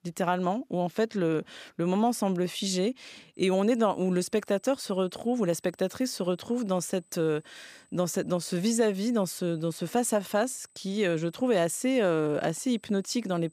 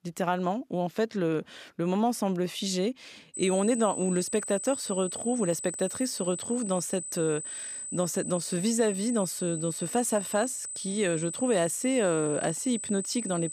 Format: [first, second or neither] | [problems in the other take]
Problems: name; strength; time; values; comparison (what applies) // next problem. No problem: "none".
first | high-pitched whine; loud; from 3.5 s on; 8 kHz, 6 dB below the speech; faint in the first